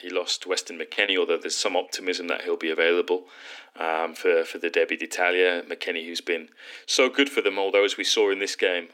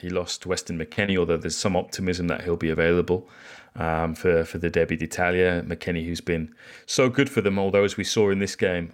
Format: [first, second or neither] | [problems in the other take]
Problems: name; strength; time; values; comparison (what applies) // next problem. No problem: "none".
second | thin; somewhat; fading below 300 Hz